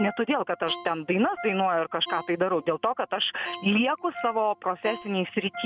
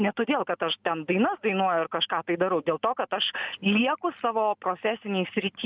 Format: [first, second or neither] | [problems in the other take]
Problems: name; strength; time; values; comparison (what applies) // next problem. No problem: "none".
second | background sound (Ringtone); 16 dB below the speech